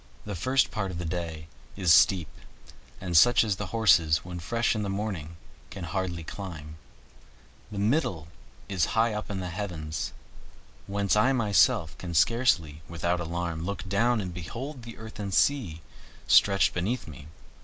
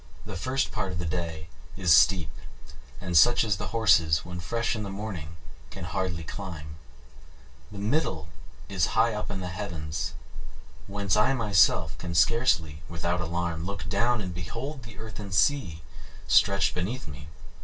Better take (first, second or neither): first